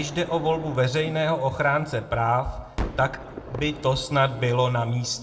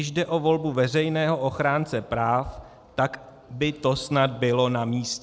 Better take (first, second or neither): second